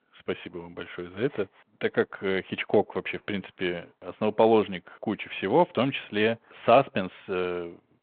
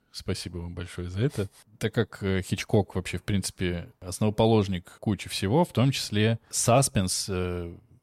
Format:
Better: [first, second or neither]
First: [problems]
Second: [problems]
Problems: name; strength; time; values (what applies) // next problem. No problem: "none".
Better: second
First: phone-call audio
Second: none